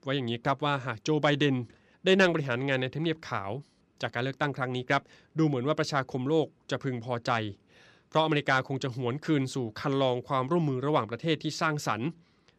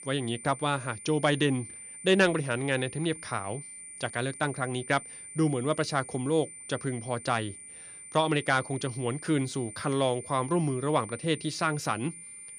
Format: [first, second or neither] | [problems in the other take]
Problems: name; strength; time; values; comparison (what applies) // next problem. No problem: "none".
first | high-pitched whine; noticeable; throughout; 9 kHz, 15 dB below the speech